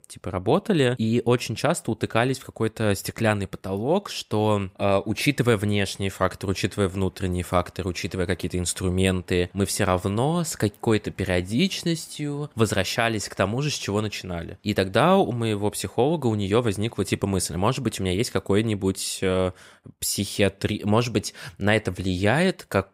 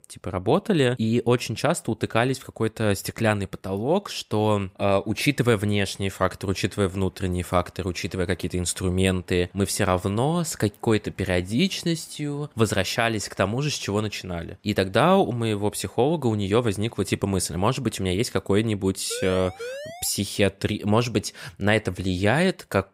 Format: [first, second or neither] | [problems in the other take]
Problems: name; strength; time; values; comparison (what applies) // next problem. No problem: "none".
first | siren; faint; at 19 s; peak 10 dB below the speech